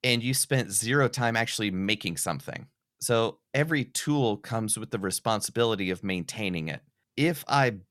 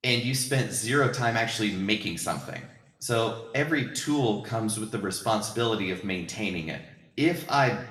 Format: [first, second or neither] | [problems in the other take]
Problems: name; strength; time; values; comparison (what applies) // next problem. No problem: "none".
first | room echo; slight; dies away in 0.7 s // off-mic speech; somewhat distant